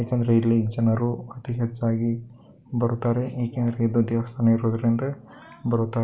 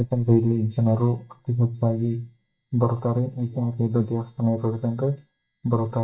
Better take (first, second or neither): first